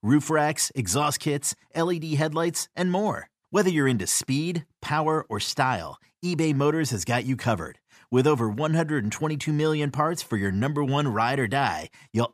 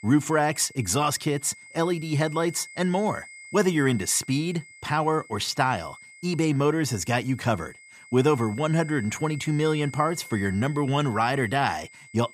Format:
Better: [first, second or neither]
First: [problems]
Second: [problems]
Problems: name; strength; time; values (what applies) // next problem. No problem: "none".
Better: first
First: none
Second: high-pitched whine; noticeable; throughout; 2 kHz, 20 dB below the speech